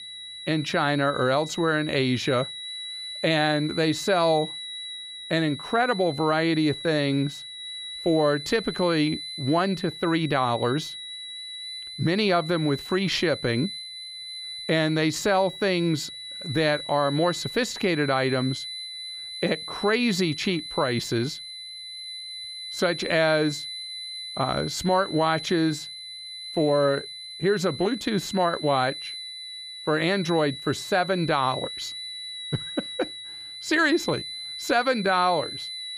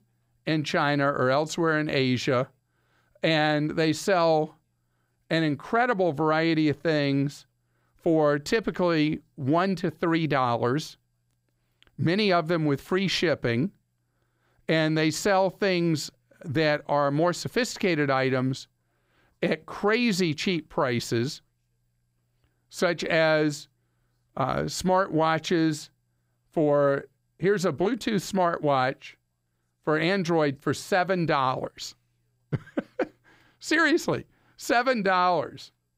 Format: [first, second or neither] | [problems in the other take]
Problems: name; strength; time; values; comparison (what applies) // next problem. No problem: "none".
second | high-pitched whine; loud; throughout; 4 kHz, 9 dB below the speech